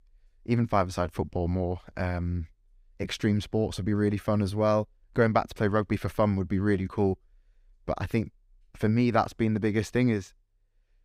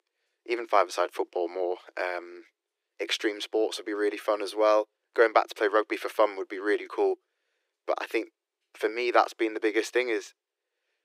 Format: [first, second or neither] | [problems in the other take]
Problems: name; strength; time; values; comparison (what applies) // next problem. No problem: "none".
first | thin; very; fading below 350 Hz